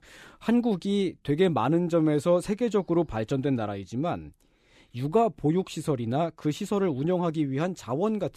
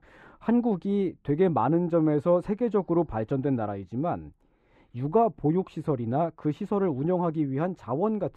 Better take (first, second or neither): first